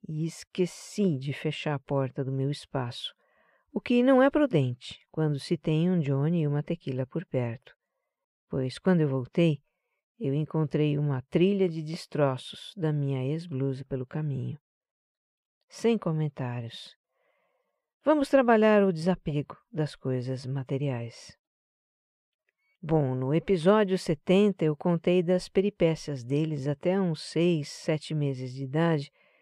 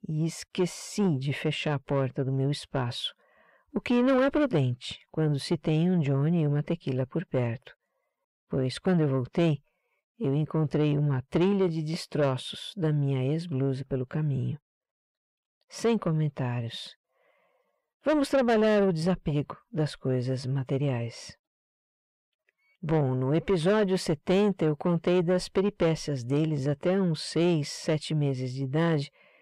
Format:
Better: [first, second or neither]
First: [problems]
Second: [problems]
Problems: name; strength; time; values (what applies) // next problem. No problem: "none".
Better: first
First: none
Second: distortion; slight; 10 dB below the speech